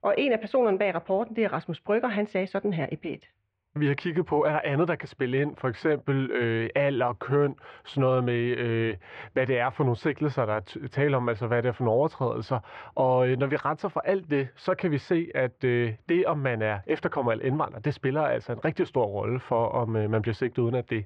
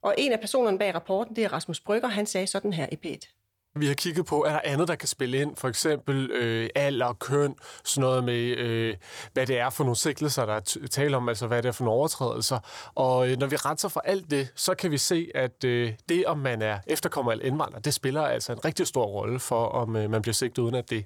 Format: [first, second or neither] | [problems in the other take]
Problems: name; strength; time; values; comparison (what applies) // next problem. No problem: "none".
second | muffled; very; fading above 2.5 kHz